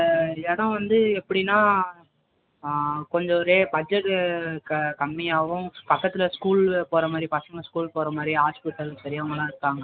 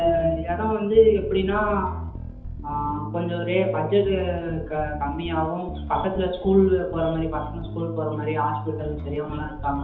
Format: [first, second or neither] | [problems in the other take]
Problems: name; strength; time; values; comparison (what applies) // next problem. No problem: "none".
first | background sound (Bass guitar); 9 dB below the speech // room echo; dies away in 0.8 s